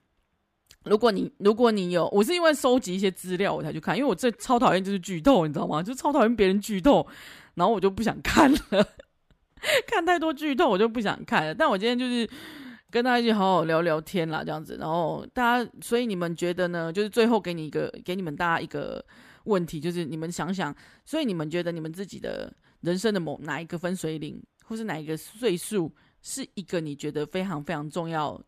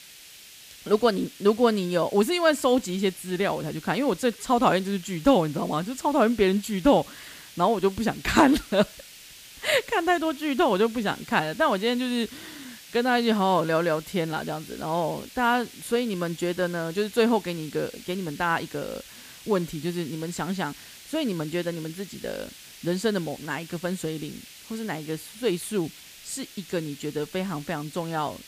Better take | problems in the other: first | hiss; noticeable; throughout; 20 dB below the speech

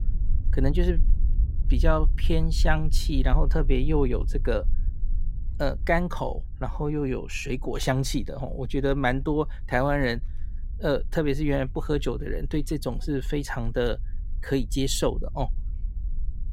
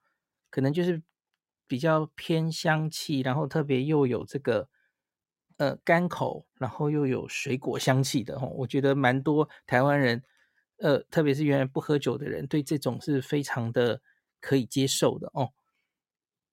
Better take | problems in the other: second | low rumble; faint; throughout; 25 dB below the speech

